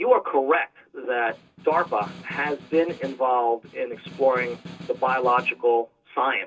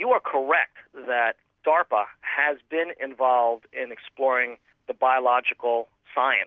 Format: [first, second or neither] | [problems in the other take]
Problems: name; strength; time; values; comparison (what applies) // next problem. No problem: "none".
second | background sound (Snare drum); 17 dB below the speech // room echo; dies away in 0.2 s